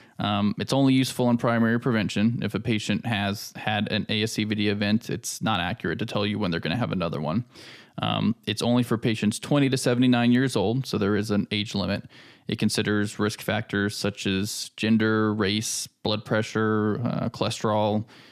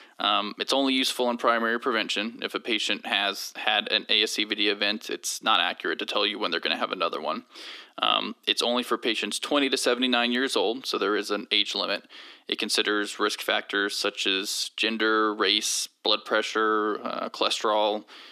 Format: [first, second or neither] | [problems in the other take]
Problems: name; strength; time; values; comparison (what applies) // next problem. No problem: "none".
first | thin; somewhat; fading below 300 Hz